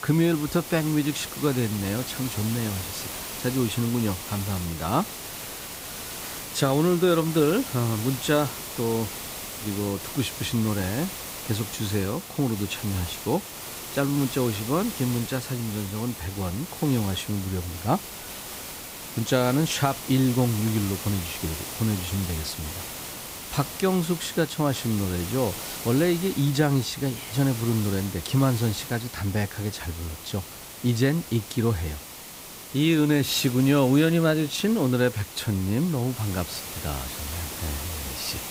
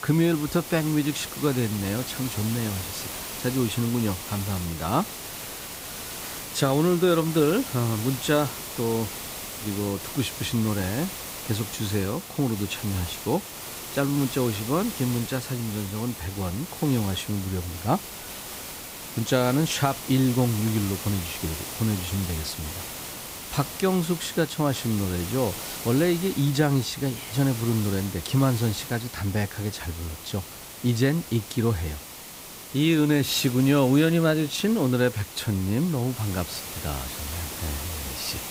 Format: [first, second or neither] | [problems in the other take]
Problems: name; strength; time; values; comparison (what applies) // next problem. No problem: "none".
neither | hiss; loud; throughout; 8 dB below the speech; the same in both